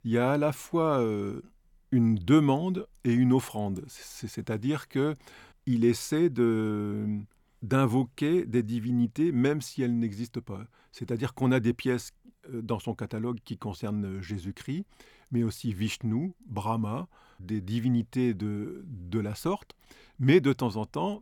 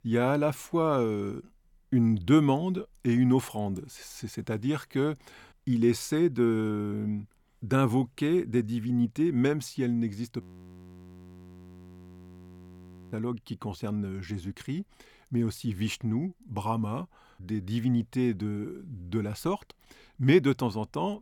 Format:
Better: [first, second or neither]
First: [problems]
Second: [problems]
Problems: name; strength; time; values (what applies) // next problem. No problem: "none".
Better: first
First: none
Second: audio freezing; at 10 s for 2.5 s